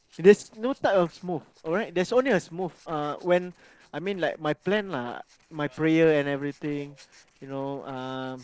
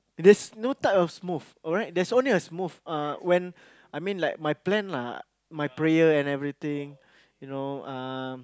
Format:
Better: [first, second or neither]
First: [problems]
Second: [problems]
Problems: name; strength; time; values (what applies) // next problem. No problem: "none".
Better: second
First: noise reduction (neural separator model SepFormer DNS4)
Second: none